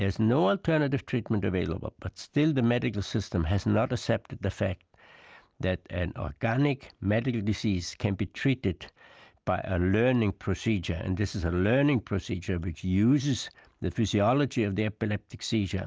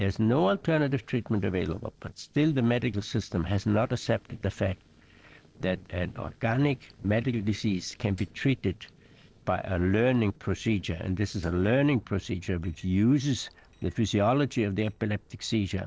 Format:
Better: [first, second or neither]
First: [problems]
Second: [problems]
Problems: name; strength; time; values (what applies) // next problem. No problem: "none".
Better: first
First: none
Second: noise reduction (neural separator model SepFormer DNS4)